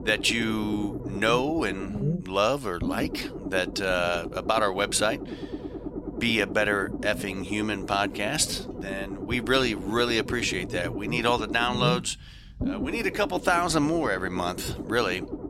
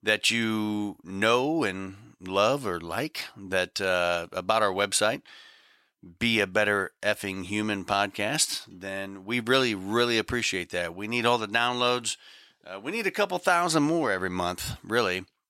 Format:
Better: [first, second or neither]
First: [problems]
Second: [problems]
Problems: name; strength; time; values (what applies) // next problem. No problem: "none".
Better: second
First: low rumble; noticeable; throughout; 15 dB below the speech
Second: none